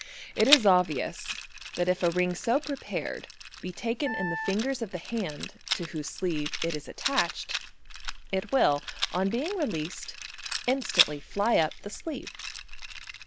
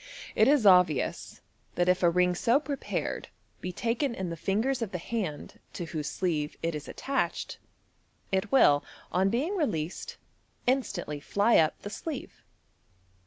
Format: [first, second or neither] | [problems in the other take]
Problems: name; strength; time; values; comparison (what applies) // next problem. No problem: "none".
second | background sound (Wind instrument, woodwind instrument + Rattle); 5 dB below the speech